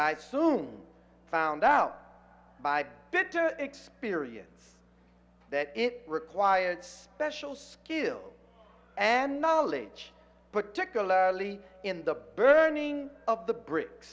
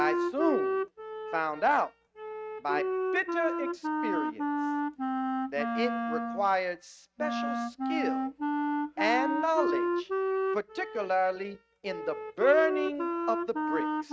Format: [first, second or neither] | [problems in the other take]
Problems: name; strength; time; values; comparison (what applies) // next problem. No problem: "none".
first | noise reduction (neural mask model RNNoise)